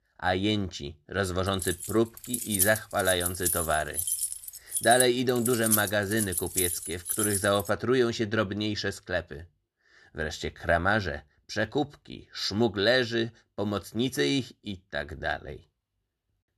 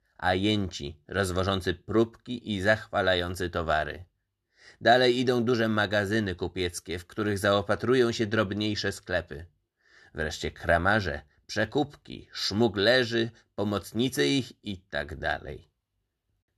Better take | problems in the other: second | jangling keys; loud; from 1.5 to 7.5 s; peak 3 dB above the speech

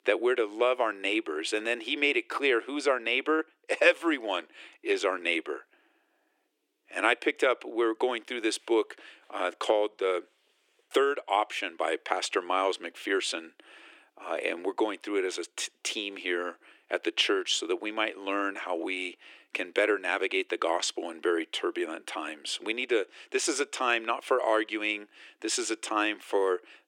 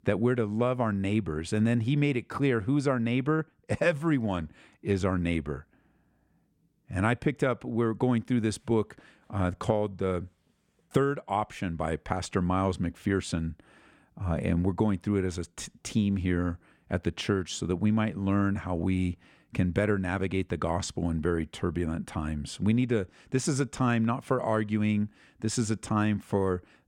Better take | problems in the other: second | thin; very; fading below 350 Hz

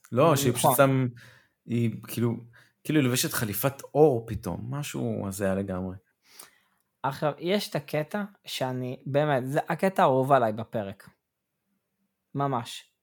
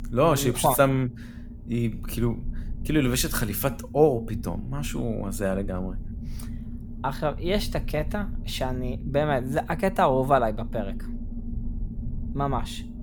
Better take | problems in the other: first | low rumble; noticeable; throughout; 20 dB below the speech

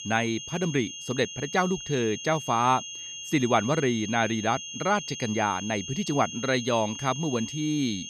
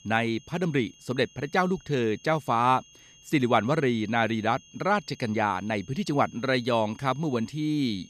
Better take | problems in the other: second | high-pitched whine; loud; throughout; 3 kHz, 9 dB below the speech; faint in the second

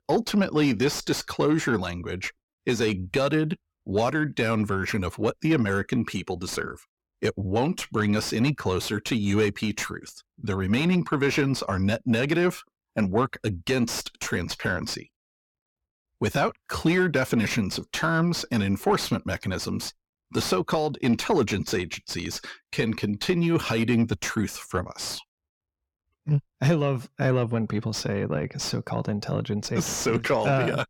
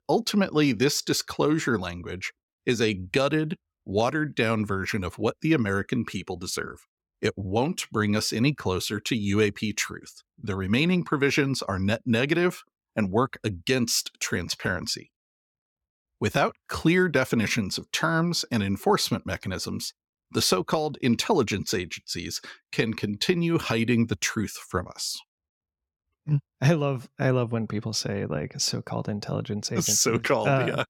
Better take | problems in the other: second | distortion; slight; 10 dB below the speech

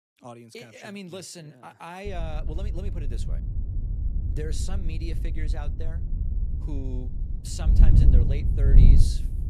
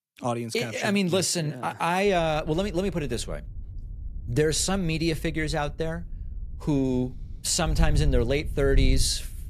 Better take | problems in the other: second | wind noise on the microphone; heavy; from 2 s on; 1 dB below the speech; occasional gusts in the second

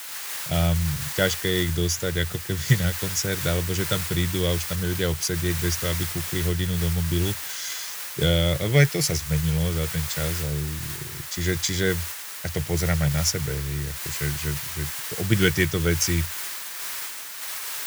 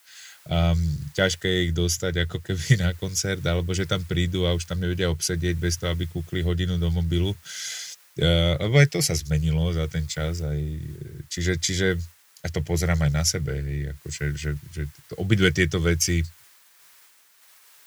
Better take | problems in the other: second | hiss; loud; throughout; 5 dB below the speech; faint in the second

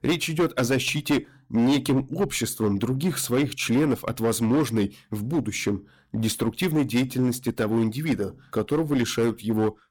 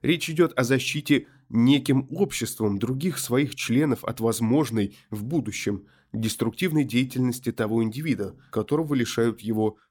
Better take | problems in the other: second | distortion; slight; 11% of the sound clipped

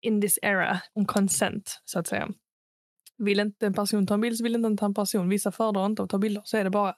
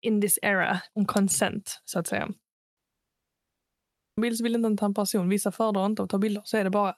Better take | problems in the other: first | audio cutting out; at 3 s for 1.5 s

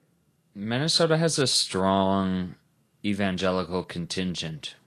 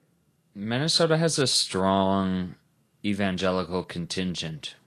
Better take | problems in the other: neither | garbled, watery; slightly; the same in both

